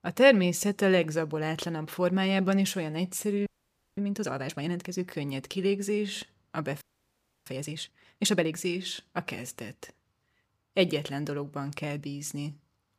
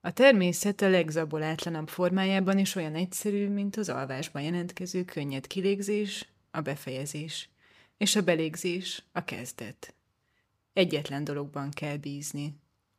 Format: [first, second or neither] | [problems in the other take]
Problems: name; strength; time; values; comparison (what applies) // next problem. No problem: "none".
second | audio freezing; at 3.5 s for 0.5 s and at 7 s for 0.5 s